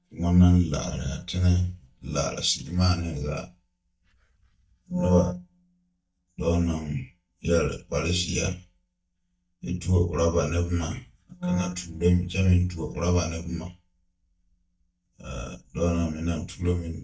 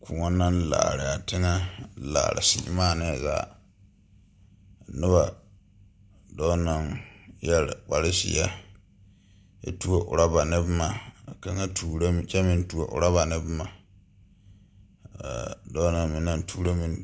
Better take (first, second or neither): second